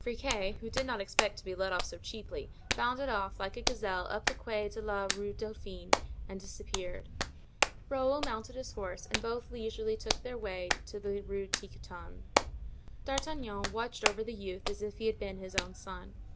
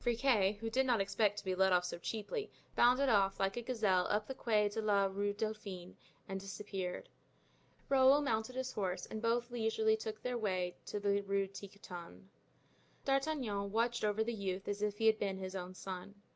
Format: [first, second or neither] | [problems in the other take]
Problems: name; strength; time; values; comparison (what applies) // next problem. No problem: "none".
second | background sound (Hands); 1 dB below the speech